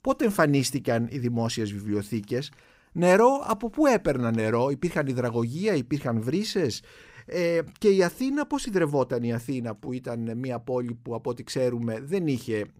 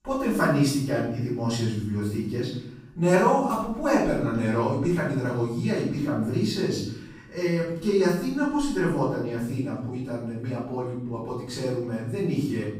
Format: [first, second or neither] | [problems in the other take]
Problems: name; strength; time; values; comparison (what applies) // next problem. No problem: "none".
first | off-mic speech; far // room echo; noticeable; dies away in 0.7 s